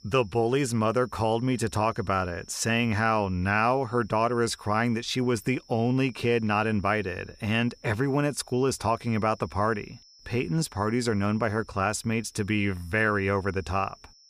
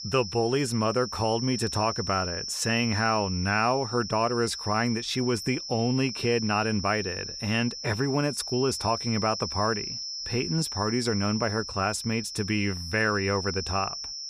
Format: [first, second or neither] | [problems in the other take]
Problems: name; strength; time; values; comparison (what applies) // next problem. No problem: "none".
first | high-pitched whine; loud; throughout; 5.5 kHz, 6 dB below the speech; faint in the first